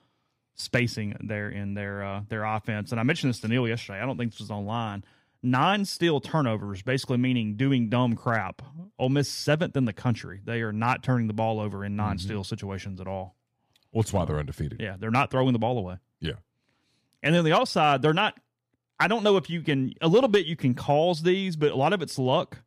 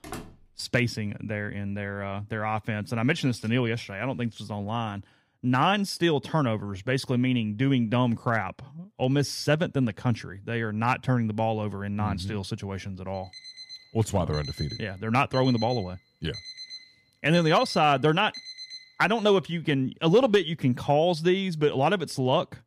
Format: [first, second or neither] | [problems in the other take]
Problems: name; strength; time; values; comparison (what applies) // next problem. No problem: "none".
first | door banging; faint; at the start; peak 15 dB below the speech // alarm; faint; from 13 to 19 s; peak 10 dB below the speech